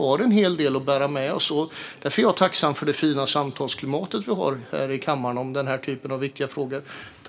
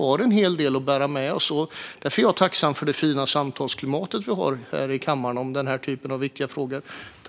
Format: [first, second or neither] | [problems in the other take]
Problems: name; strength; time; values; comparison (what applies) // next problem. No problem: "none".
second | room echo; dies away in 2.1 s